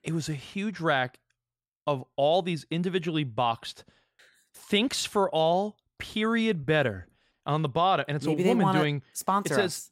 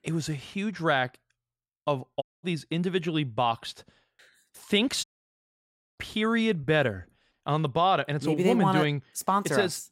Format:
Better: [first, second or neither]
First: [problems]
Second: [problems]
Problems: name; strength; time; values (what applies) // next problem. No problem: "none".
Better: first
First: none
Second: audio cutting out; at 2 s and at 5 s for 1 s